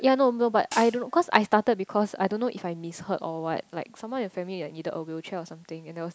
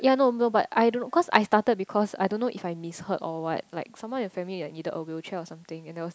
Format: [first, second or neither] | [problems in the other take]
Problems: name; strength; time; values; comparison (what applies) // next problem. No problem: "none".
second | background sound (Hi-hat); 16 dB below the speech